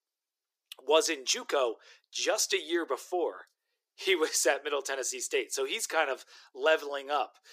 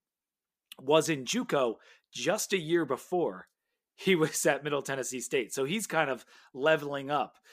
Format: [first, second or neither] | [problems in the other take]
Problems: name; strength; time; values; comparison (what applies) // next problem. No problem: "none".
second | thin; very; fading below 350 Hz